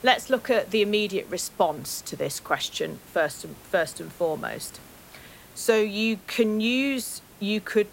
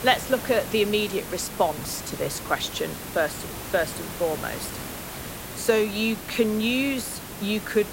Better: first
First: hiss; faint; throughout; 20 dB below the speech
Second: hiss; loud; throughout; 9 dB below the speech

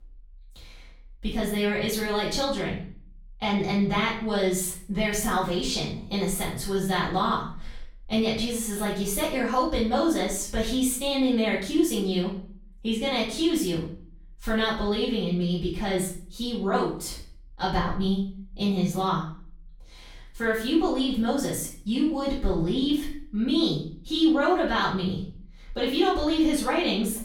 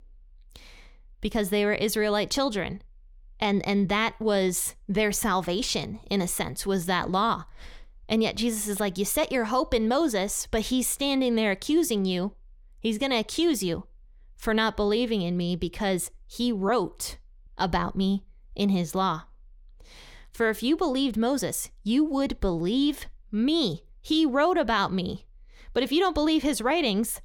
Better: second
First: room echo; noticeable; dies away in 0.4 s // off-mic speech; far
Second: none

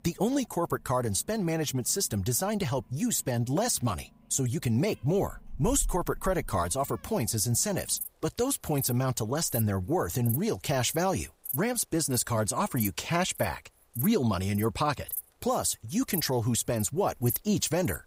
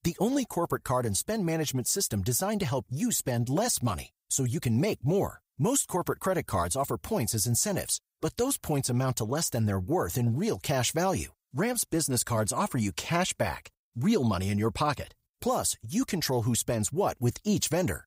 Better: second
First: animal sounds; noticeable; throughout; 10 dB below the speech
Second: none

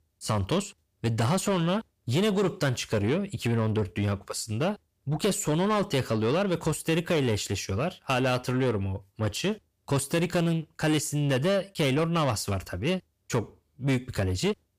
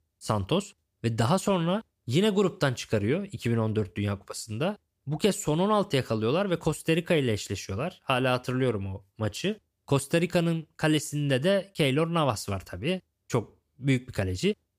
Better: second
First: distortion; slight; 10 dB below the speech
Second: none

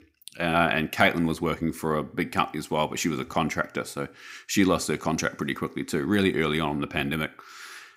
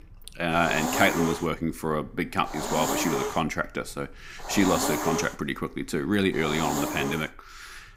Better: first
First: none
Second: hiss; loud; throughout; 3 dB below the speech

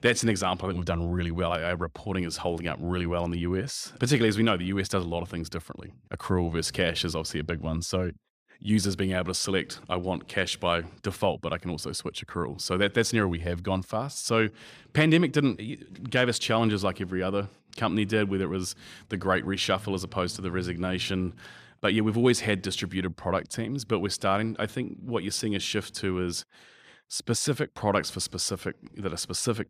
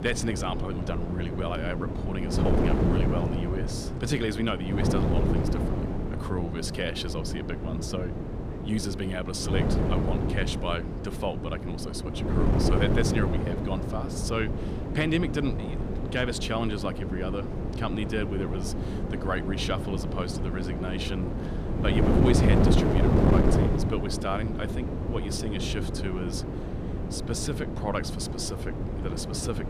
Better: first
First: none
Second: wind noise on the microphone; heavy; 1 dB below the speech

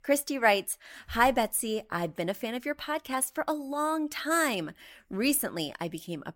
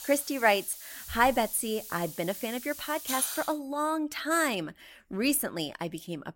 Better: first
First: none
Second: hiss; loud; until 3.5 s; 9 dB below the speech

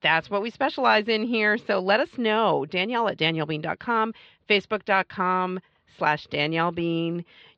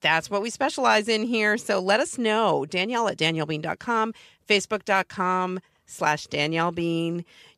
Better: second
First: muffled; very slightly; fading above 4 kHz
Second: none

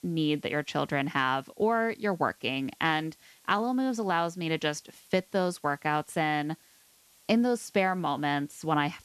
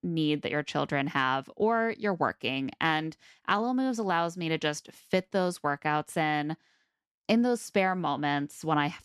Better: second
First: hiss; faint; throughout; 30 dB below the speech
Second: none

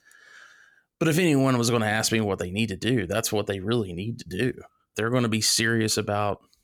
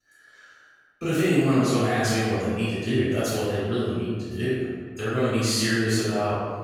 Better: first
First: none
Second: off-mic speech; far // room echo; strong; dies away in 1.5 s

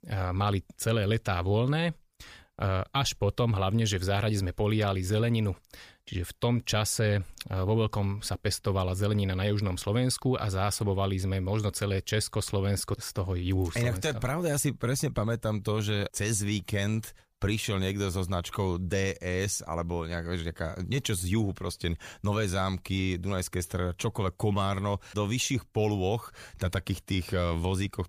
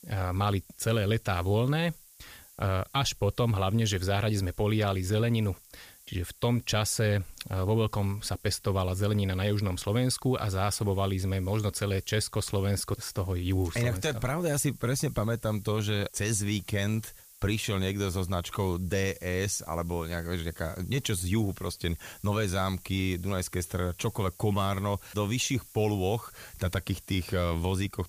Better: first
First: none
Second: hiss; faint; throughout; 20 dB below the speech

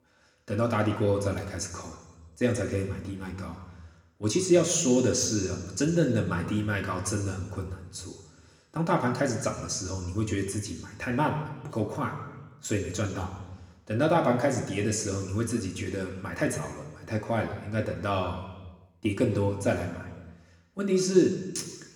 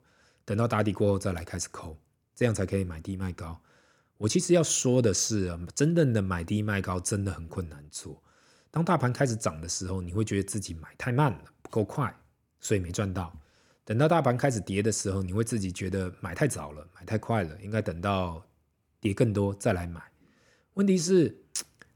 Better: second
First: room echo; slight; dies away in 1.2 s // off-mic speech; somewhat distant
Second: none

